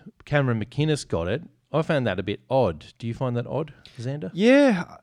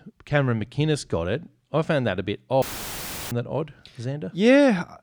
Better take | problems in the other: first | audio cutting out; filled with static; at 2.5 s for 0.5 s

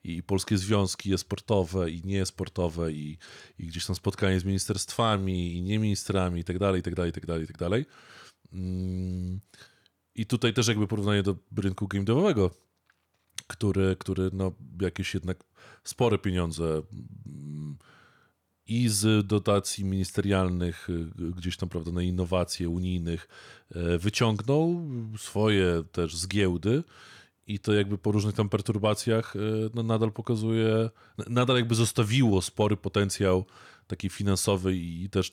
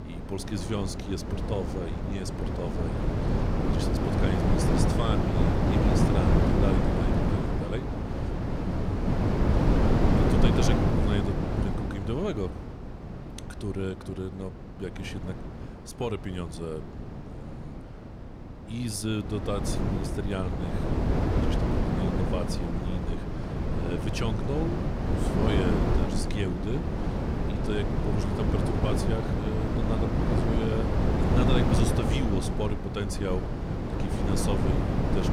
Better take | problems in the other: first | wind noise on the microphone; heavy; 4 dB above the speech

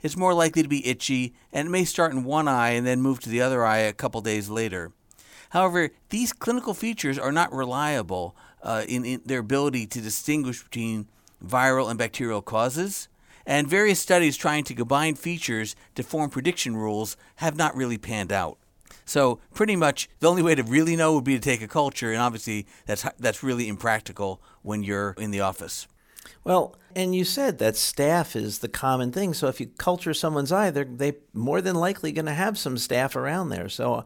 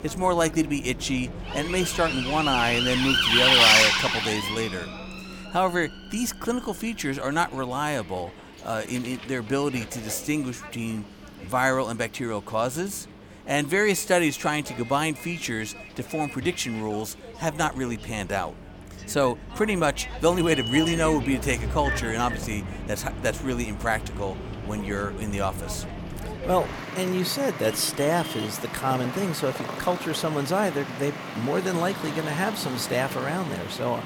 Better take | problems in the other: first | traffic noise; loud; throughout; 1 dB below the speech

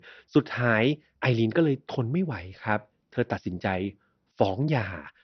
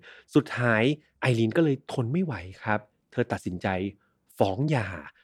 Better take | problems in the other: second | garbled, watery; slightly; nothing above 5.5 kHz

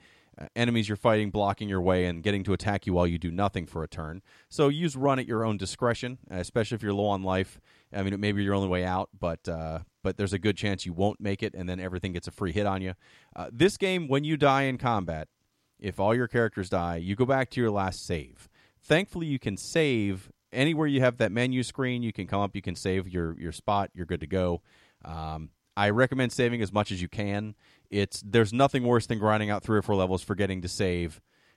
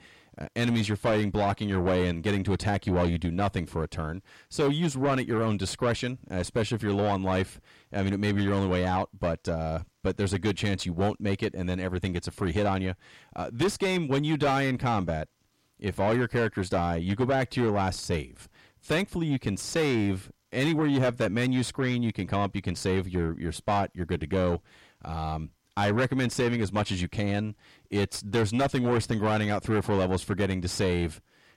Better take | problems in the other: first | distortion; heavy; 8 dB below the speech

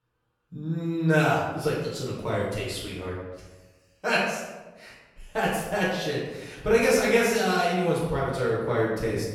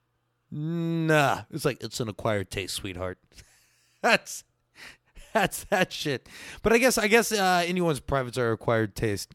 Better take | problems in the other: second | off-mic speech; far // room echo; noticeable; dies away in 0.9 s

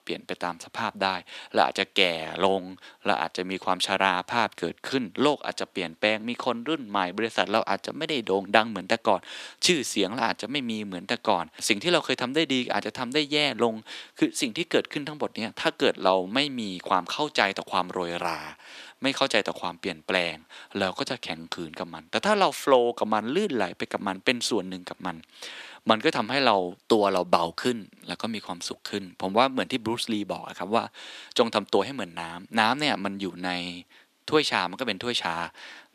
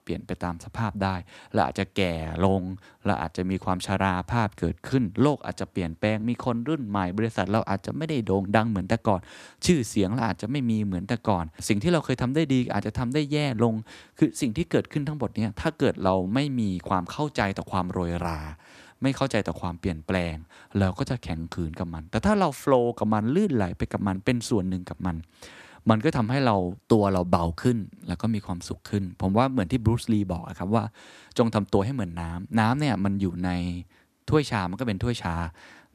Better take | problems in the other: second | thin; somewhat; fading below 350 Hz

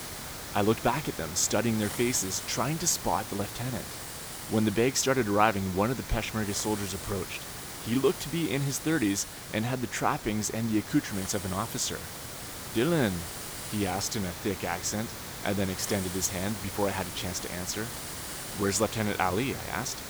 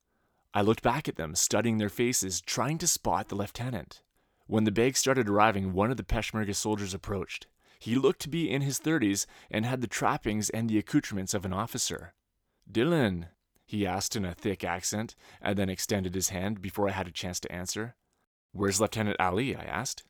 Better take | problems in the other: second | hiss; loud; throughout; 8 dB below the speech

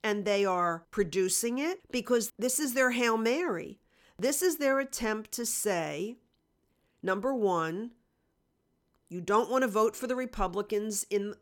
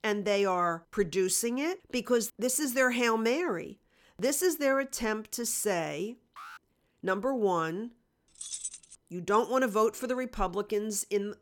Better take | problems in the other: first | alarm; faint; at 6.5 s; peak 20 dB below the speech // jangling keys; noticeable; at 8.5 s; peak 7 dB below the speech

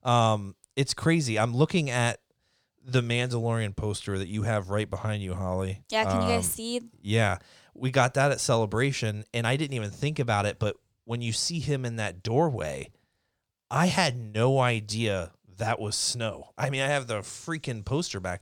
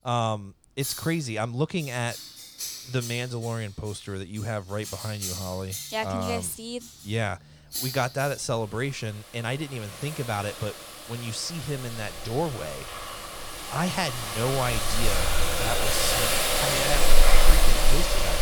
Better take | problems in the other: first | household noises; very loud; throughout; 3 dB above the speech

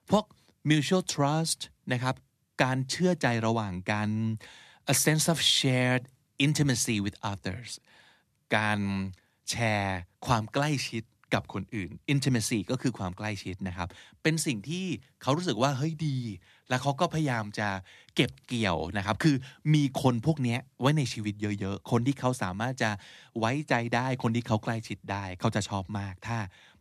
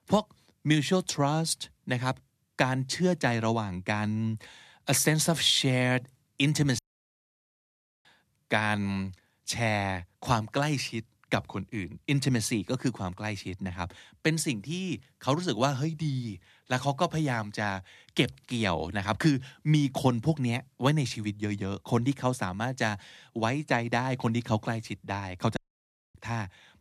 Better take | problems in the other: first | audio cutting out; at 7 s for 1.5 s and at 26 s for 0.5 s

